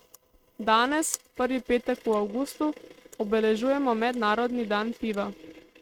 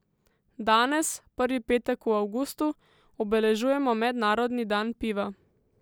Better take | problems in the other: second | noise reduction (neural mask model RNNoise)

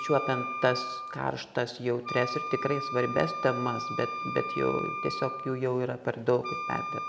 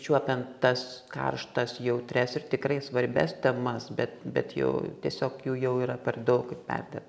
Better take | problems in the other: second | background sound (Wind instrument, woodwind instrument); 6 dB below the speech

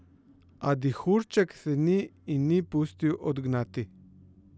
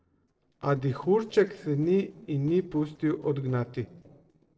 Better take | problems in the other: first | noise reduction (neural separator model SepFormer DNS4)

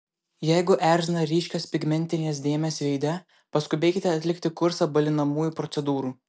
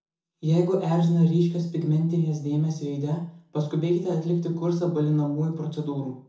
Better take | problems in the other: first | room echo; dies away in 0.6 s

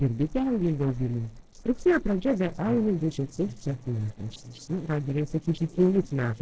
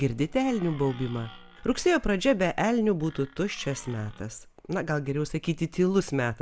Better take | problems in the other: second | noise reduction (neural separator model SepFormer DNS4)

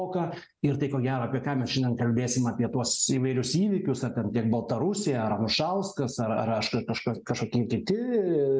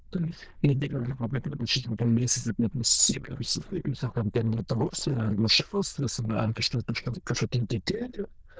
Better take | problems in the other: first | noise reduction (neural diffusion model UNIVERSE++)

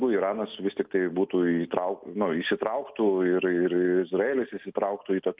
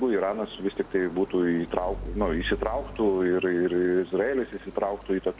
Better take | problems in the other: first | background sound (Stream); 14 dB below the speech

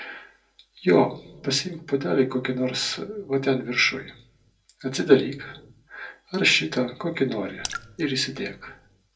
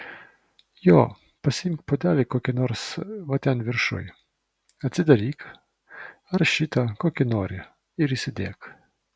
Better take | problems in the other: second | noise reduction (neural separator model SepFormer DNS4)

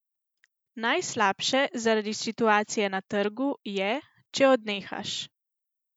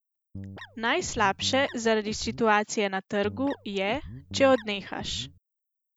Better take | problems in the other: first | background sound (Guitar); 14 dB below the speech

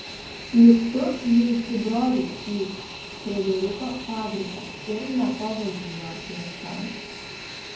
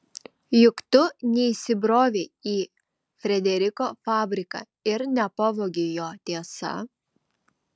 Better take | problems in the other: second | background sound (Fixed-wing aircraft, airplane); 13 dB below the speech // room echo; dies away in 0.9 s

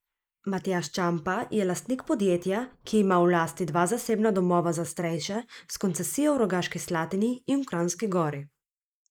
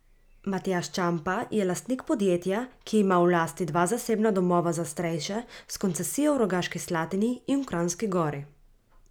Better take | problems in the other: second | noise reduction (neural mask model Resemble Enhance denoiser)

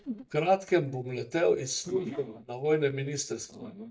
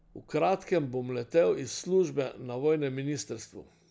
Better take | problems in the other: second | noise reduction (neural mask model DeepFilterNet 3)

